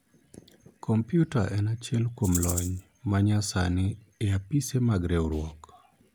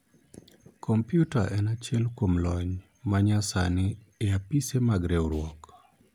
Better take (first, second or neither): second